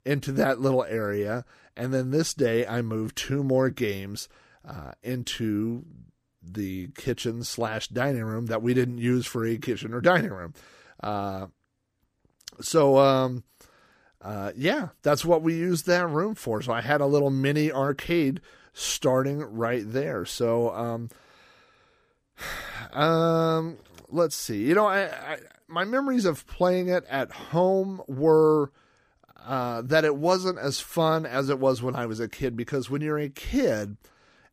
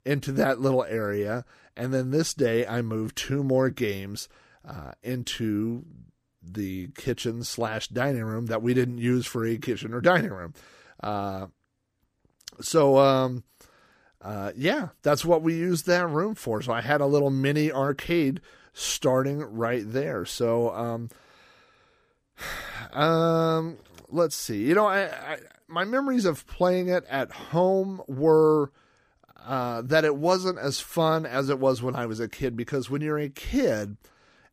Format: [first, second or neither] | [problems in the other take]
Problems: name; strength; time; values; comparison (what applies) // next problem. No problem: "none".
neither | none